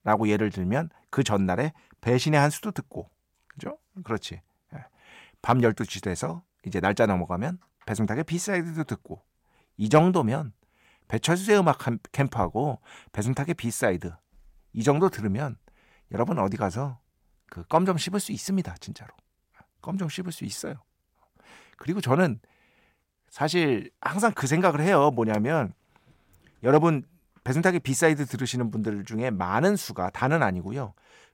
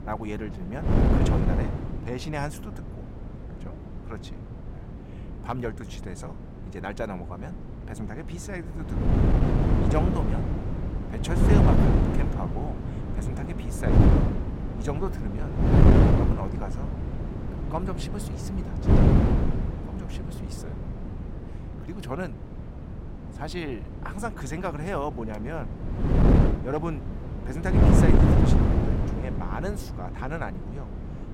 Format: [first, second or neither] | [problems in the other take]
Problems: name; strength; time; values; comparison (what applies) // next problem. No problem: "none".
first | wind noise on the microphone; heavy; 5 dB above the speech